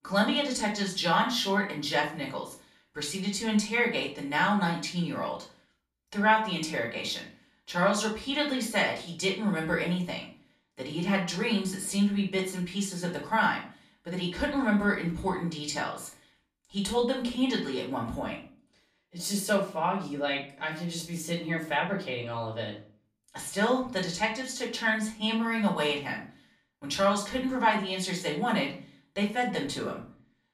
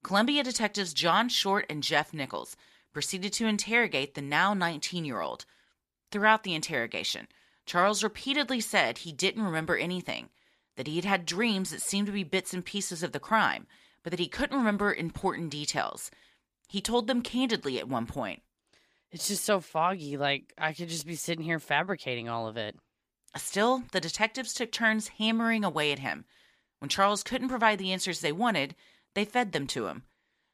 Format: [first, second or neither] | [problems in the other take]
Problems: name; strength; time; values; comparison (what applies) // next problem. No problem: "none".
second | off-mic speech; far // room echo; slight; dies away in 0.4 s